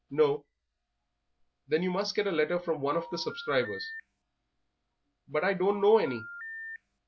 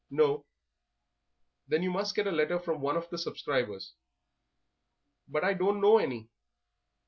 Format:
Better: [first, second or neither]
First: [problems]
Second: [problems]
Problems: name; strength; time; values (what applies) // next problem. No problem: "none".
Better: second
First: background sound (Telephone); 13 dB below the speech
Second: none